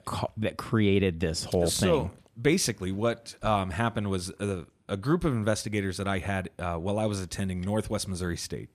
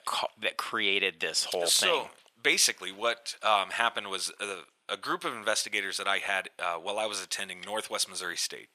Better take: first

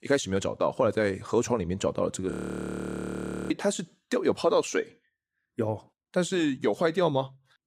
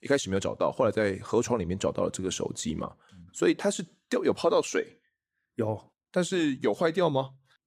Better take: second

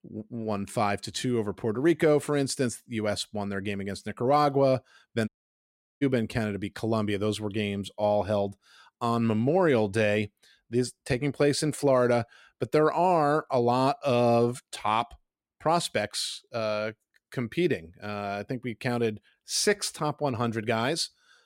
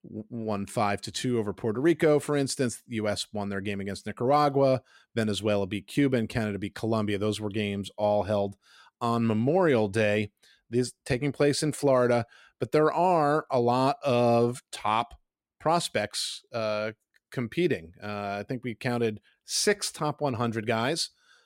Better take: second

